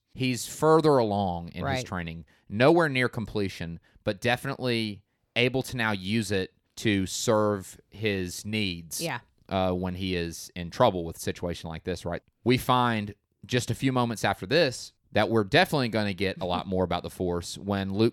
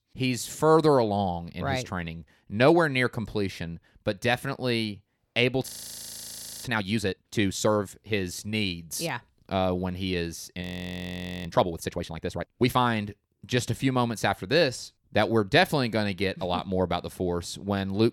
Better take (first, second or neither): first